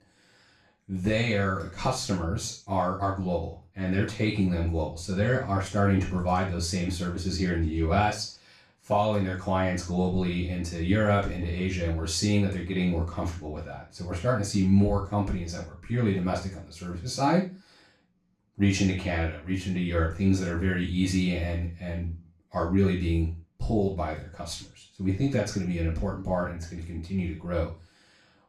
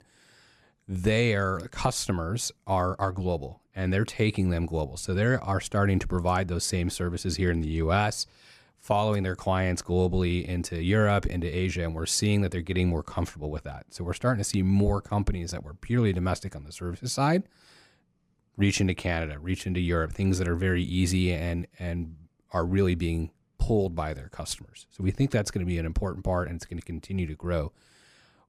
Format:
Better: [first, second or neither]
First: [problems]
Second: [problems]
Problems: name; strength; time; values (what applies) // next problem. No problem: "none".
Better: second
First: room echo; noticeable; dies away in 0.3 s // off-mic speech; far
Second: none